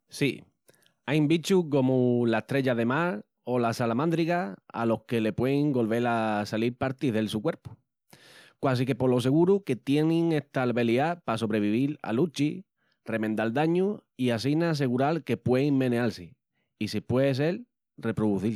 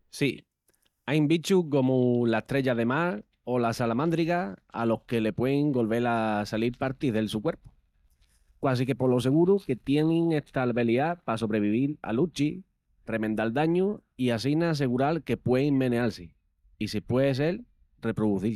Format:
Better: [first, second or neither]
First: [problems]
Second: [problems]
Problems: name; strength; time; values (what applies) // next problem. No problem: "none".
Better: first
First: none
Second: noise reduction (neural mask model DeepFilterNet 3)